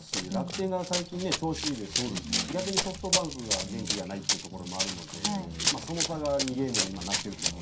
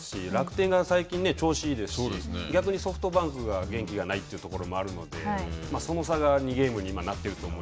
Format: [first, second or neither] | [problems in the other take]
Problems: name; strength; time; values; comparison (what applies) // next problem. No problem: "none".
second | background sound (Run); 1 dB above the speech // room echo; dies away in 0.3 s